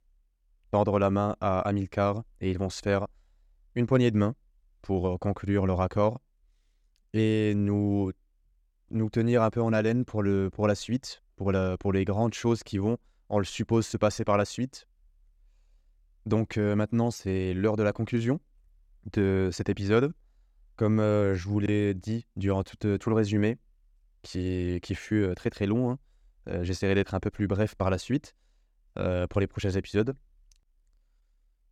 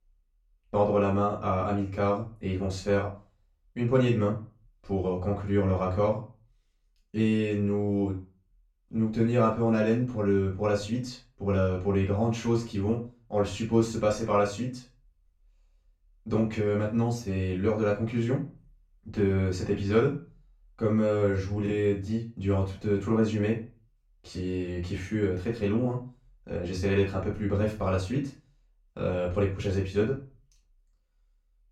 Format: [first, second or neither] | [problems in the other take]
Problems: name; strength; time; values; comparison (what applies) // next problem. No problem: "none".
first | off-mic speech; far // room echo; slight; dies away in 0.3 s